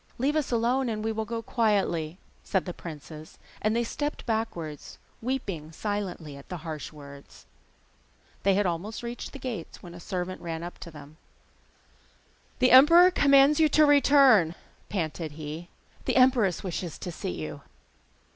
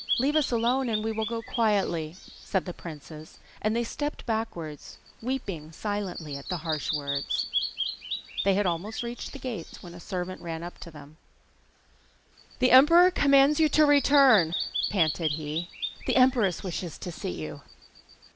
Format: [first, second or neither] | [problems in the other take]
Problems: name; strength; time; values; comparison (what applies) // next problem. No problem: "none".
first | background sound (Bird vocalization, bird call, bird song); 9 dB below the speech